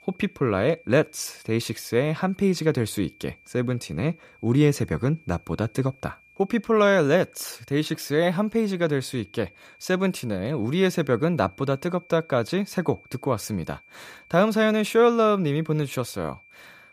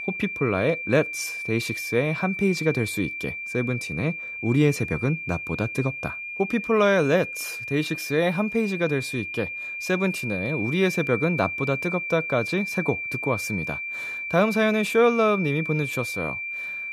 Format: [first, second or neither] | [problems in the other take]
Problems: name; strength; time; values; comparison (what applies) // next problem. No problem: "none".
first | high-pitched whine; loud; throughout; 2.5 kHz, 5 dB below the speech; faint in the first